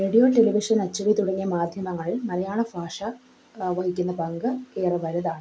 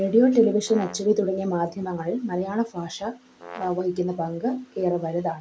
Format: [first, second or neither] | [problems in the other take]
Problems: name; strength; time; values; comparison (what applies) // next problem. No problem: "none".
first | background sound (Brass instrument); 17 dB below the speech